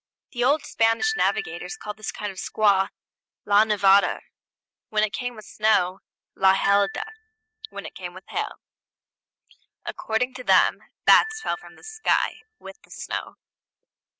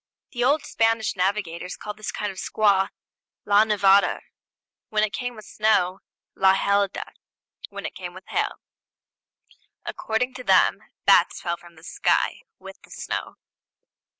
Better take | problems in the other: second | noise reduction (neural mask model RNNoise)

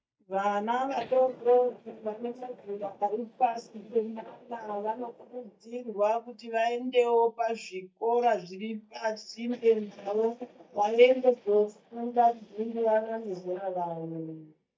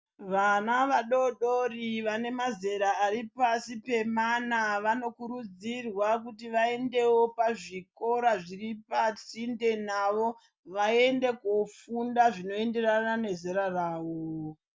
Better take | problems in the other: second | noise reduction (neural mask model DeepFilterNet 3)

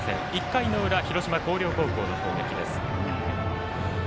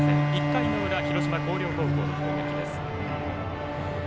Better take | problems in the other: first | background sound (Bowed string instrument); 4 dB above the speech

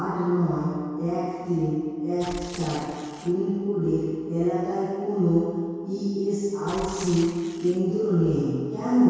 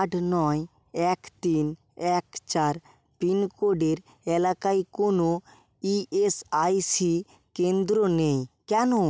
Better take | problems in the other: second | background sound (Tearing); 17 dB below the speech // room echo; dies away in 2 s

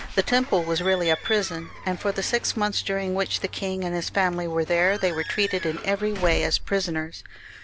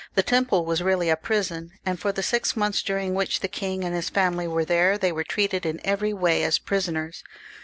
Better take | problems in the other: second | background sound (Squeak / Slam / Alarm / Wood); 11 dB below the speech

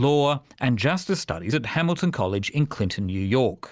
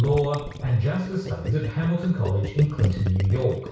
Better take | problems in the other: first | background sound (Gurgling); 11 dB below the speech // room echo; dies away in 0.6 s

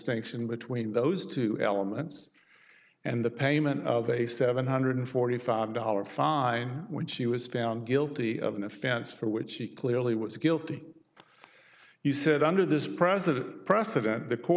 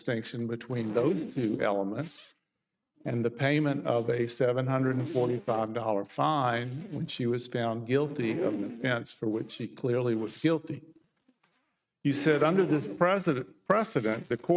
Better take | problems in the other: first | noise reduction (neural mask model RNNoise)

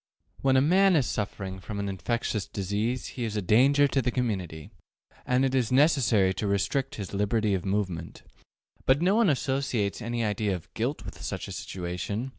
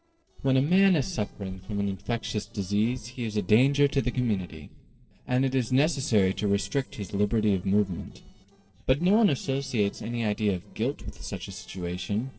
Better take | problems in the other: first | noise reduction (neural separator model SepFormer DNS4)

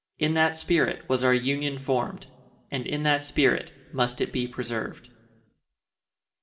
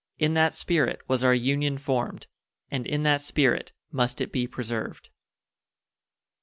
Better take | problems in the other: second | room echo; dies away in 1.4 s

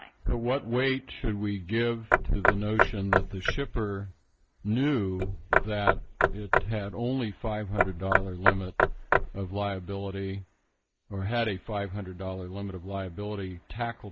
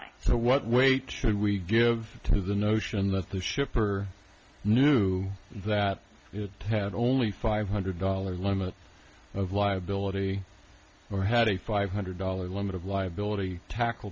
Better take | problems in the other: second | noise reduction (neural mask model Resemble Enhance denoiser)

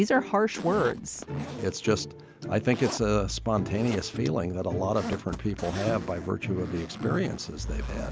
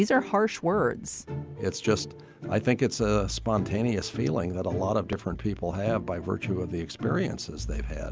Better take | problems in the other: second | background sound (Zipper (clothing)); 14 dB below the speech

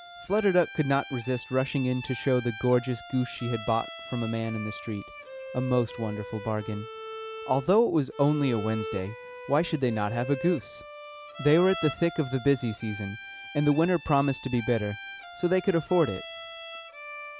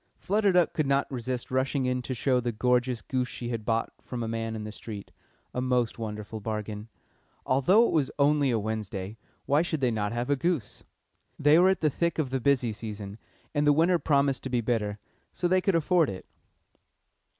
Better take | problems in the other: second | background sound (Bowed string instrument); 13 dB below the speech

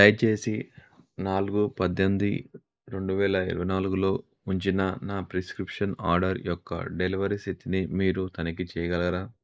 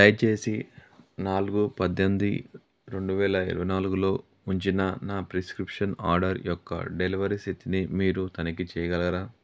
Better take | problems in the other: second | noise reduction (neural mask model Resemble Enhance denoiser)

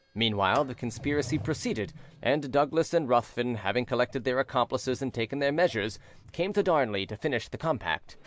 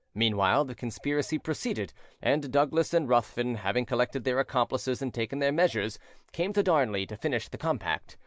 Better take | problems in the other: second | background sound (Sliding door); 19 dB below the speech

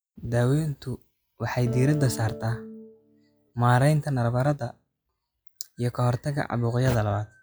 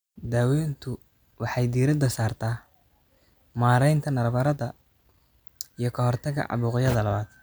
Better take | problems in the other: second | noise reduction (classical method log-MMSE)

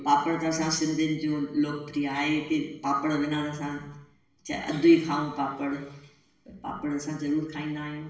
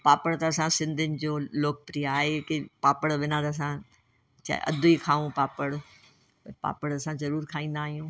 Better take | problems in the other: second | room echo; dies away in 0.8 s

